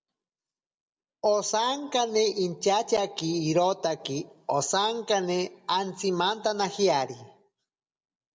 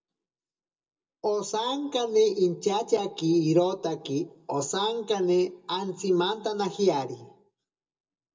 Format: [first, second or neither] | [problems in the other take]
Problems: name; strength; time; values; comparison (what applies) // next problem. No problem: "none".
first | room echo; dies away in 0.2 s